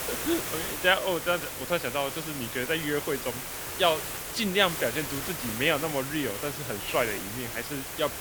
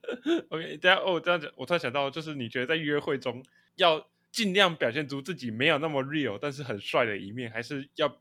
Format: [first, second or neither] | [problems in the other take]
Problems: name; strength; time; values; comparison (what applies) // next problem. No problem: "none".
second | hiss; loud; throughout; 5 dB below the speech